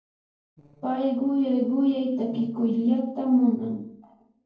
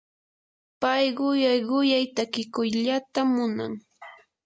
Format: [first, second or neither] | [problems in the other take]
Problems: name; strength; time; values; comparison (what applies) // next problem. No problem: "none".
second | noise reduction (neural separator model SepFormer DNS4)